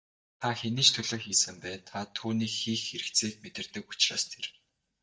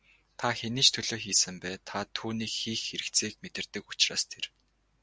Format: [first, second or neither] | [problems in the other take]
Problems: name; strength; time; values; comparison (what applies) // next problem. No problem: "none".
second | noise reduction (neural mask model DeepFilterNet 3)